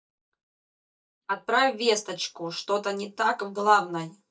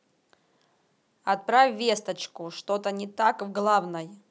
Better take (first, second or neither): second